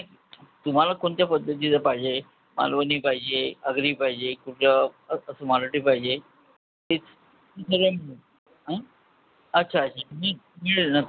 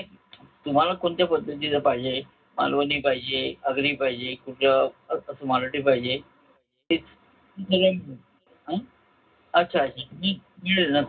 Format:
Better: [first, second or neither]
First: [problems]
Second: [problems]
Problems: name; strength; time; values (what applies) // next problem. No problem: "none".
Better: first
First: none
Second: room echo; dies away in 0.4 s